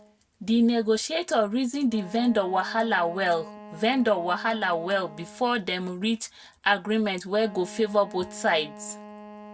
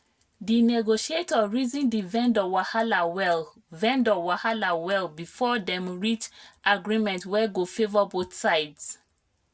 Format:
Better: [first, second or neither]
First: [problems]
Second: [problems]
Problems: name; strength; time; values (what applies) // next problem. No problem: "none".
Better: second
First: background sound (Wind instrument, woodwind instrument); 19 dB below the speech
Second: none